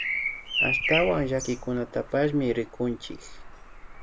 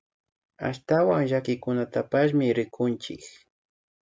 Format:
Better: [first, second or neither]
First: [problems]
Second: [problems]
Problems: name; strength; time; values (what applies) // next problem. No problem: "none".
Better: second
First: background sound (Bird vocalization, bird call, bird song); 3 dB below the speech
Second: none